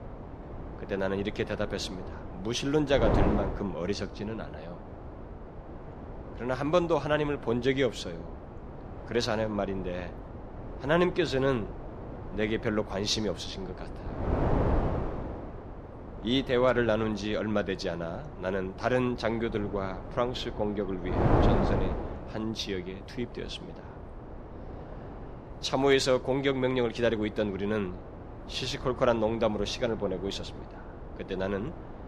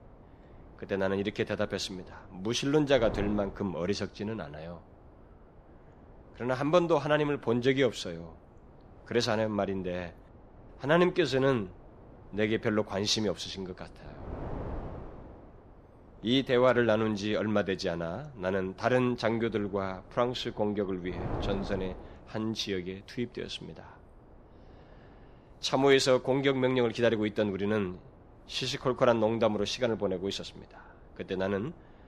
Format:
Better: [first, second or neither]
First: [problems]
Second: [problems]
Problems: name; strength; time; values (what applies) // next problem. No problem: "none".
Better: second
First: wind noise on the microphone; heavy; 9 dB below the speech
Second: wind noise on the microphone; occasional gusts; 20 dB below the speech